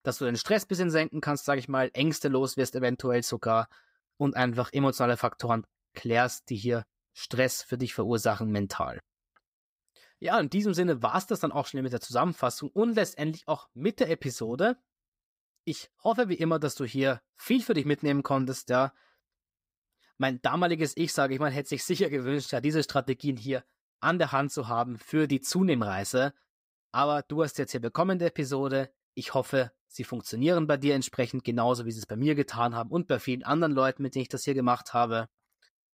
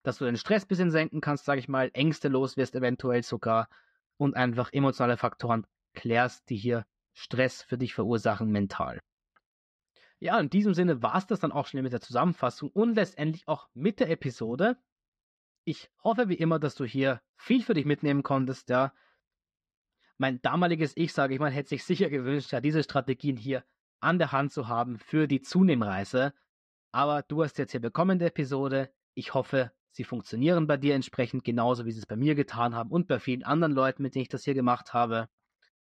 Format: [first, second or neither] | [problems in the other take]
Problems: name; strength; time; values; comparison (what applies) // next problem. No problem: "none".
first | muffled; very slightly; fading above 3 kHz